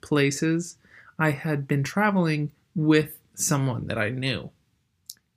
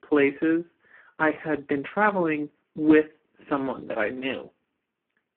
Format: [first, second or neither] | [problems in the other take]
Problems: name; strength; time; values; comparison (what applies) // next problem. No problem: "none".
first | phone-call audio; poor line